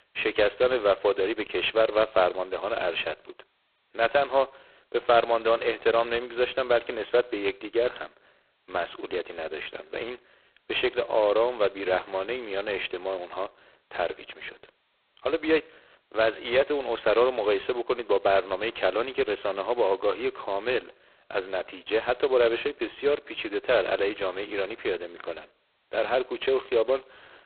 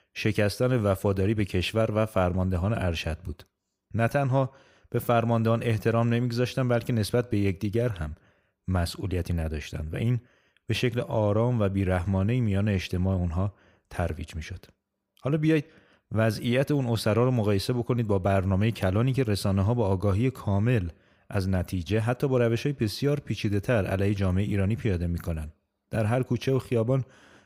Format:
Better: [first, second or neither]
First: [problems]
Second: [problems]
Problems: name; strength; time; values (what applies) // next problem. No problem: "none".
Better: second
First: phone-call audio; poor line; nothing above 4 kHz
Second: none